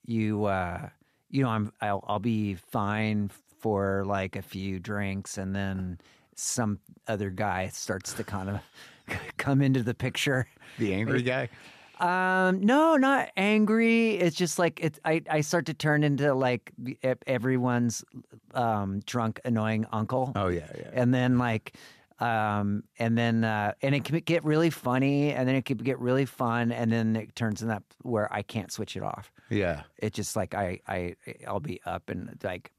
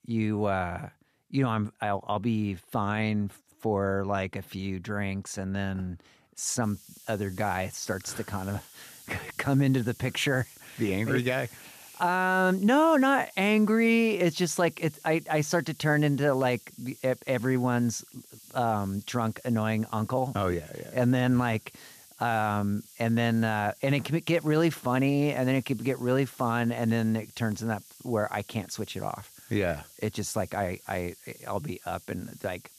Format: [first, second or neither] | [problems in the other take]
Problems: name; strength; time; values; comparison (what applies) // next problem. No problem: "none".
first | hiss; faint; from 6.5 s on; 20 dB below the speech